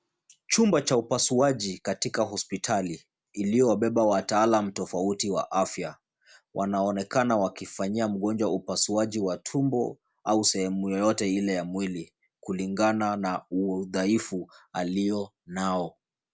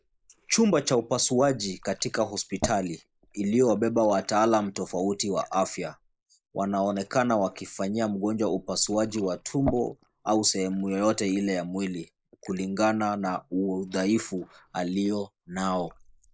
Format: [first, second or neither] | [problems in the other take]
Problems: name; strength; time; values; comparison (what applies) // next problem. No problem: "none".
first | noise reduction (neural mask model Resemble Enhance denoiser)